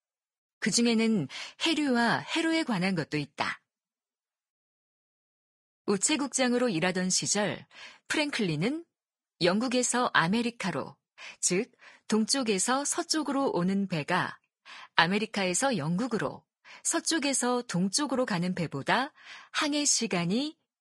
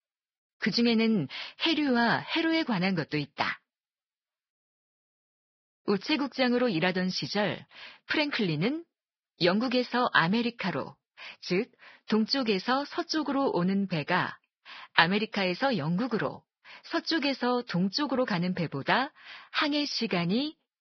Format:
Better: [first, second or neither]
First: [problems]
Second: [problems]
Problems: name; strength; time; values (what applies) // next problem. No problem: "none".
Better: first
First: garbled, watery; slightly; nothing above 10 kHz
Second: garbled, watery; badly; nothing above 5.5 kHz